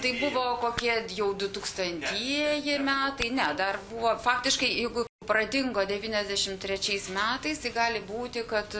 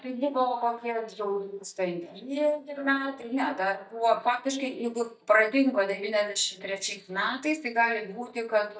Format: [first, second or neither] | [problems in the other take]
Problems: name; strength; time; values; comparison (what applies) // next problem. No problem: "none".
first | noise reduction (neural mask model DeepFilterNet 3)